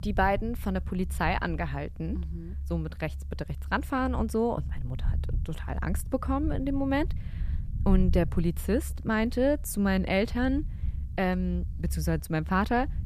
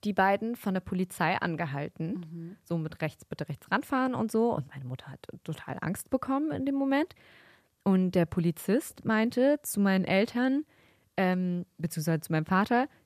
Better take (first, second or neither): second